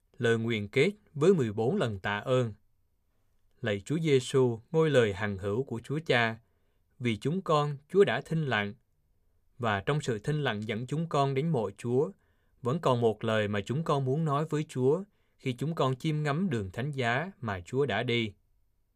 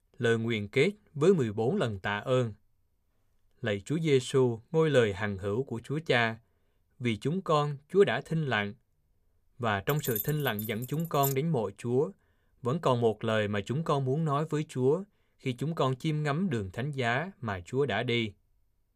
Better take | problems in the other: first | jangling keys; noticeable; from 10 to 11 s; peak 5 dB below the speech

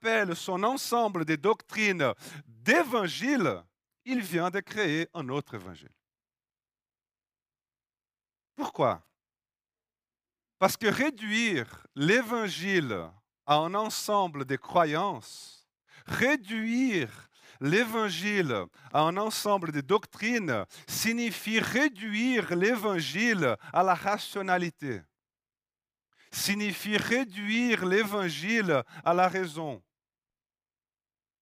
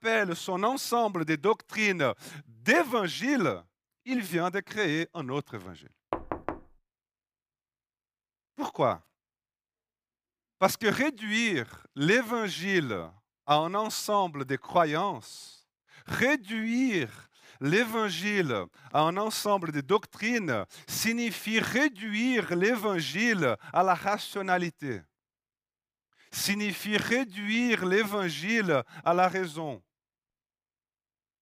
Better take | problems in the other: first | door banging; noticeable; at 6 s; peak 8 dB below the speech

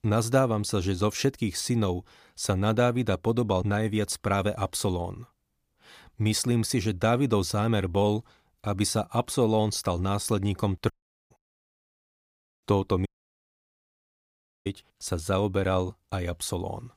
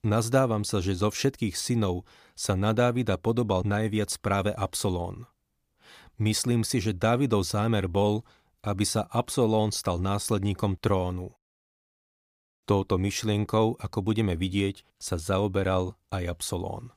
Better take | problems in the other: second | audio cutting out; at 11 s and at 13 s for 1.5 s

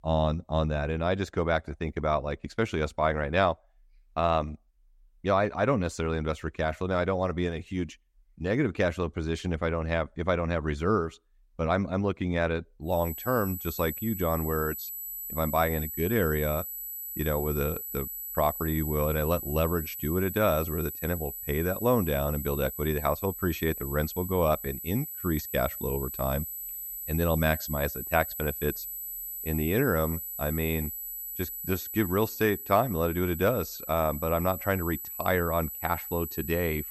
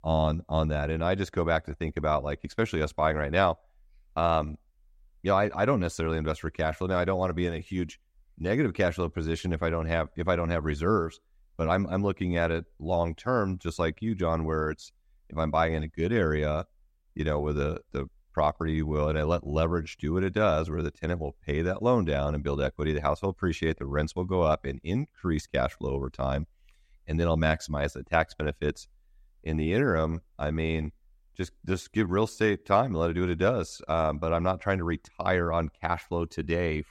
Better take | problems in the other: second | high-pitched whine; loud; from 13 s on; 12 kHz, 6 dB below the speech

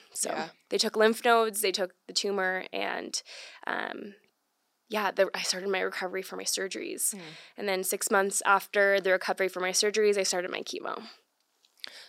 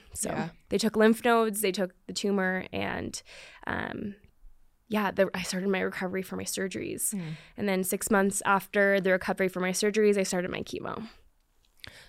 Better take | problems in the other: second | thin; somewhat; fading below 300 Hz

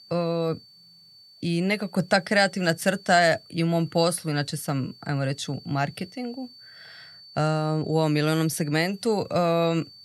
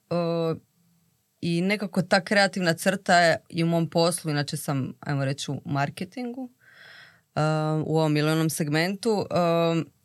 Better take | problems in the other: second | high-pitched whine; faint; throughout; 4.5 kHz, 20 dB below the speech

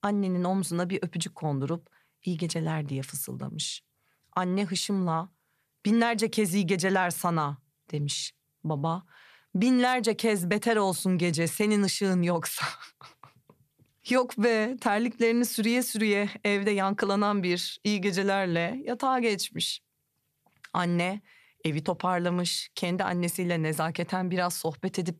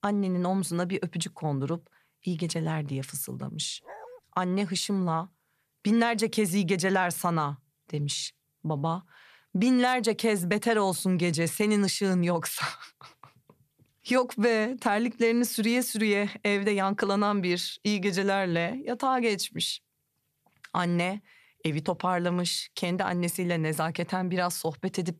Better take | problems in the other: first | dog barking; faint; at 4 s; peak 20 dB below the speech

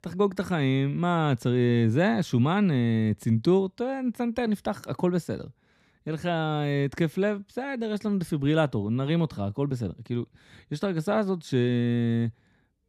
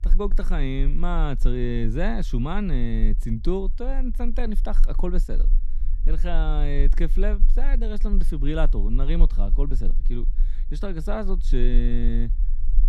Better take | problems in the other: first | low rumble; faint; throughout; 20 dB below the speech

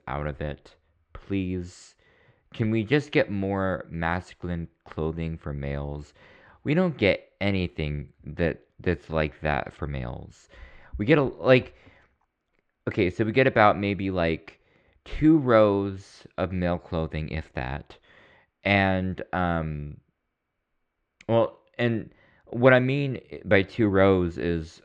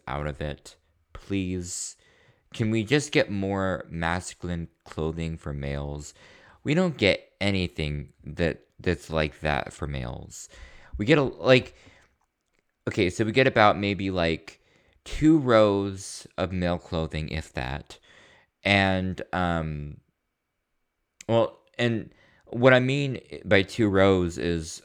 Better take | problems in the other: second | muffled; slightly; fading above 2.5 kHz

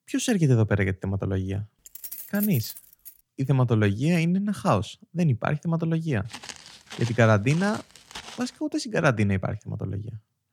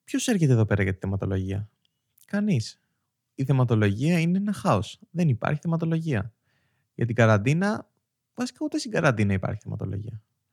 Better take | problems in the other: second | jangling keys; noticeable; from 2 to 3 s; peak 7 dB below the speech // footsteps; faint; from 6.5 to 8.5 s; peak 15 dB below the speech

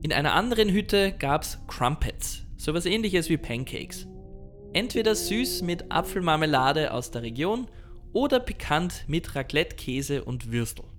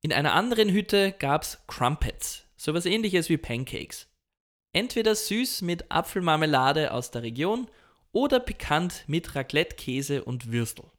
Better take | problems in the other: second | low rumble; noticeable; throughout; 20 dB below the speech

